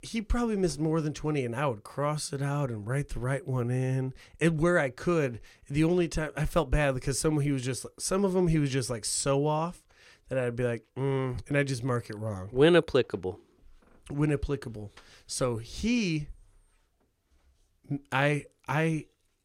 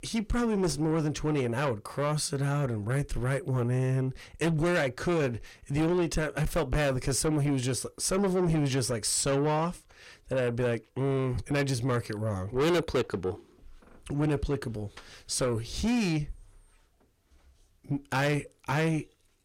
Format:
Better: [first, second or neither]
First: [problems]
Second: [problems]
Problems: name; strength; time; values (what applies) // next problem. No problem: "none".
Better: first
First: none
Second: distortion; heavy; 8 dB below the speech